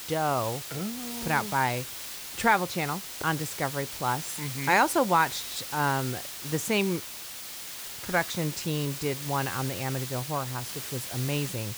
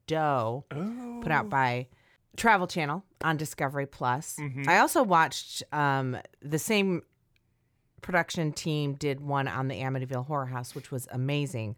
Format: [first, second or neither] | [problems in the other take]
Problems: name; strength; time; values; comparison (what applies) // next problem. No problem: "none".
second | hiss; loud; throughout; 7 dB below the speech